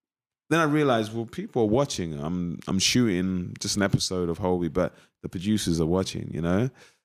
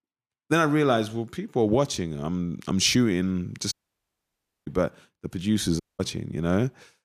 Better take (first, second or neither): first